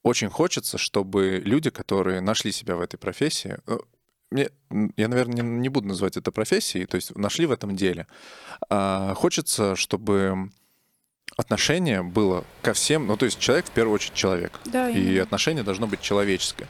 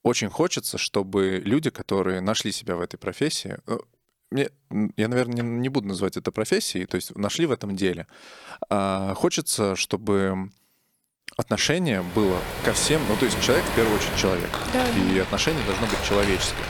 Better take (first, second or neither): first